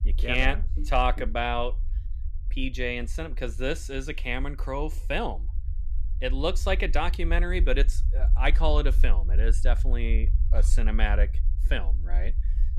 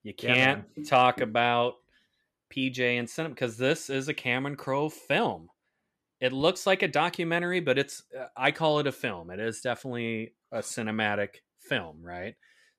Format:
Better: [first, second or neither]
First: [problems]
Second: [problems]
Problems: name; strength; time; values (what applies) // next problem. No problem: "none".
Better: second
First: low rumble; faint; throughout; 20 dB below the speech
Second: none